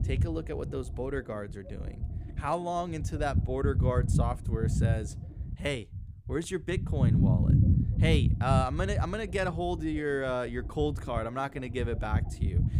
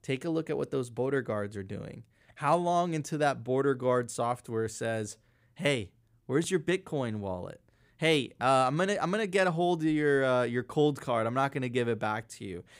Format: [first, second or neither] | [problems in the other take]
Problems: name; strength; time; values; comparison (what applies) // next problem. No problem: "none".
second | low rumble; loud; throughout; 8 dB below the speech